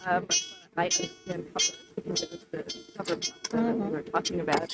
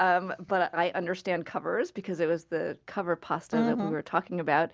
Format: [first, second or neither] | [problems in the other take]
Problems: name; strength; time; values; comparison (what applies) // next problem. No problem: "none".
second | noise reduction (neural mask model RNNoise)